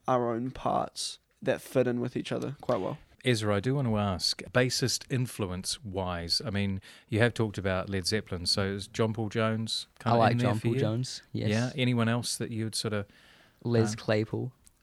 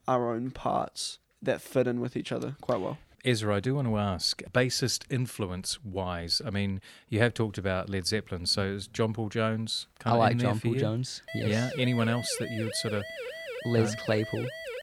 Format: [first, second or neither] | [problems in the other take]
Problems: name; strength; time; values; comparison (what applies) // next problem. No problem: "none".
first | siren; noticeable; from 11 s on; peak 8 dB below the speech